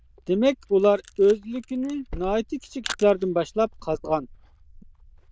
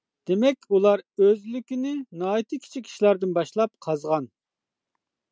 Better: second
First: noise reduction (neural diffusion model UNIVERSE++)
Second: none

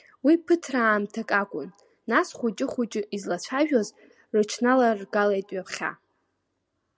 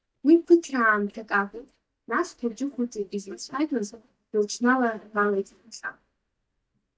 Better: first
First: none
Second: noise reduction (neural mask model DeepFilterNet 3)

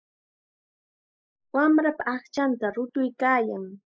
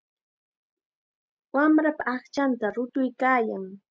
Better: second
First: noise reduction (neural mask model Resemble Enhance denoiser)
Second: none

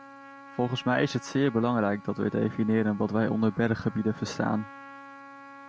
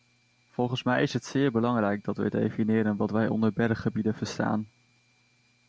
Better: second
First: background sound (Trumpet); 19 dB below the speech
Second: none

